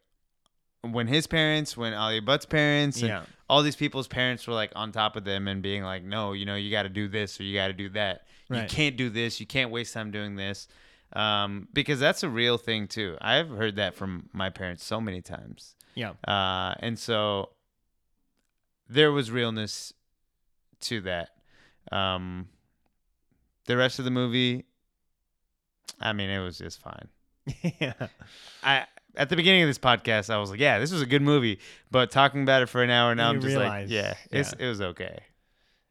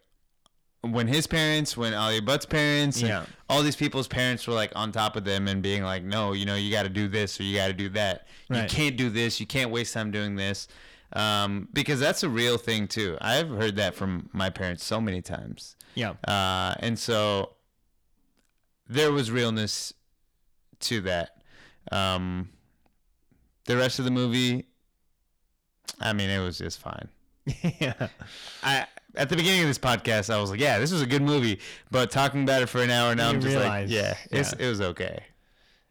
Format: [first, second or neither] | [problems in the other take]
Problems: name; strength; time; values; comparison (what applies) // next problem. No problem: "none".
first | distortion; heavy; 7 dB below the speech